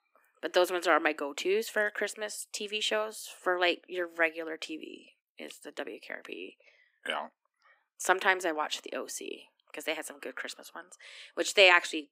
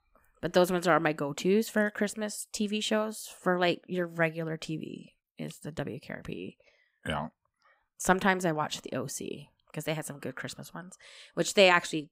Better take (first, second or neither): second